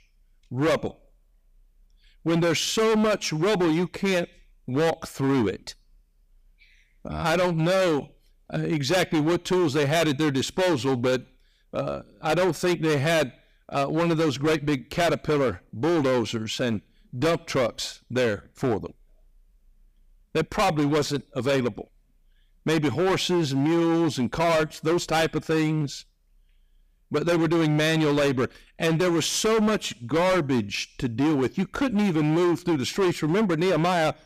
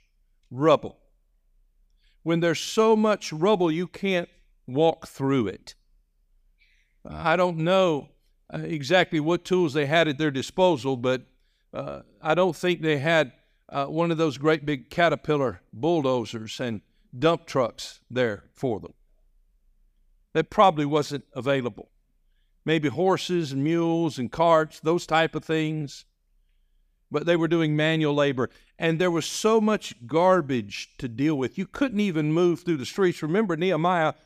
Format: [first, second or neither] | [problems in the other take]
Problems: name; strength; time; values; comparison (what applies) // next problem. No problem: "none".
second | distortion; heavy; 17% of the sound clipped